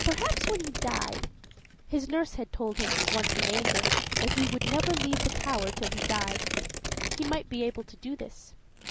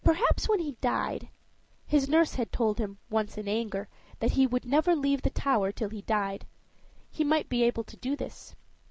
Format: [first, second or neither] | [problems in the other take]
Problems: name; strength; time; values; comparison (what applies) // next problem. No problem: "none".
second | background sound (Tearing); 1 dB above the speech